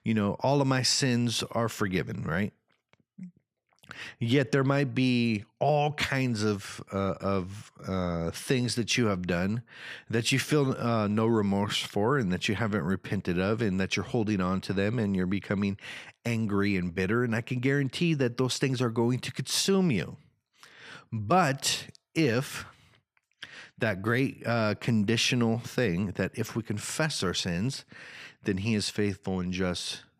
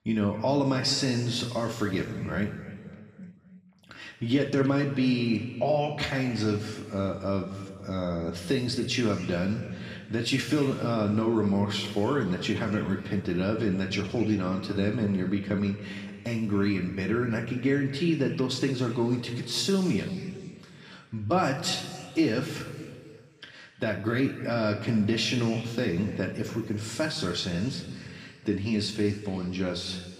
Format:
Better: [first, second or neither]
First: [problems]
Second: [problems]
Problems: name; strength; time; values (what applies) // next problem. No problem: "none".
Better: first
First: none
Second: room echo; noticeable; dies away in 1.8 s // off-mic speech; somewhat distant